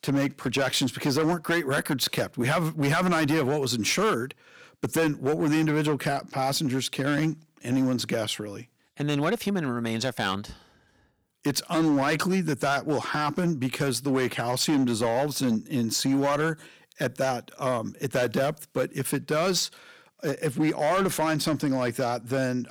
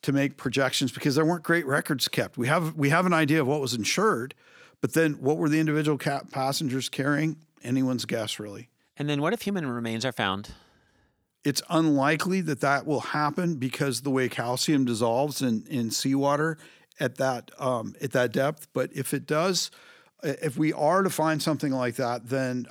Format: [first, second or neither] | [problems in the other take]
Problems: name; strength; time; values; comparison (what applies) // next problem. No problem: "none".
second | distortion; slight; 8% of the sound clipped